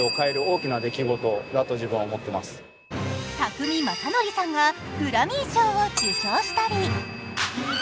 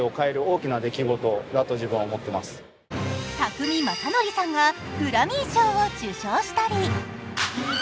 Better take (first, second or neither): second